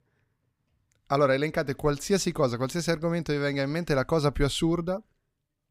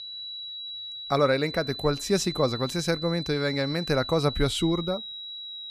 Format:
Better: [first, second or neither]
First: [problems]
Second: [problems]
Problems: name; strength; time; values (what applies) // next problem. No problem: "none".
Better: first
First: none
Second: high-pitched whine; loud; throughout; 4 kHz, 8 dB below the speech